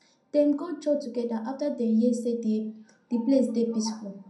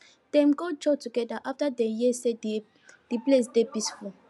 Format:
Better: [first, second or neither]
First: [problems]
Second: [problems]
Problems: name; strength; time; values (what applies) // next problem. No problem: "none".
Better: second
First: room echo; dies away in 0.5 s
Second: none